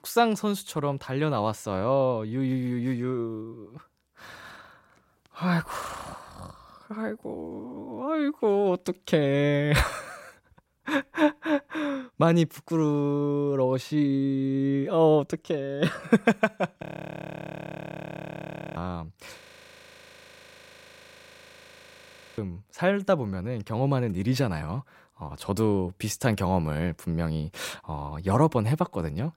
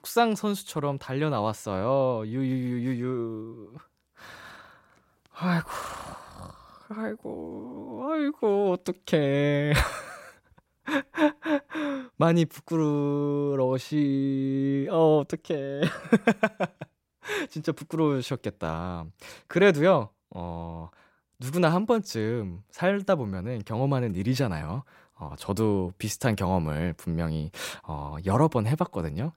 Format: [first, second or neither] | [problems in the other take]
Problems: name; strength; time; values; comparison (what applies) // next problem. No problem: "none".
second | audio freezing; at 17 s for 2 s and at 19 s for 3 s